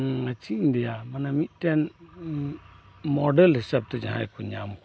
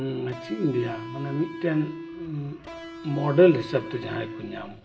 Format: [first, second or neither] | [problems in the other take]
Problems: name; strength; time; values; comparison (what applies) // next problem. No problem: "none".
first | background sound (Electric guitar); 12 dB below the speech // room echo; dies away in 1.4 s